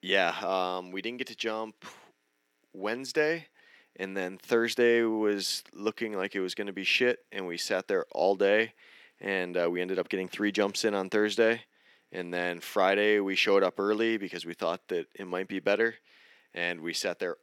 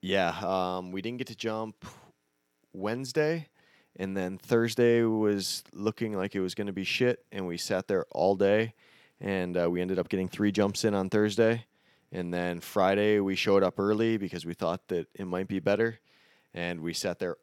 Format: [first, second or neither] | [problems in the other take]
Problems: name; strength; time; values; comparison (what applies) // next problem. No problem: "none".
second | thin; very slightly; fading below 300 Hz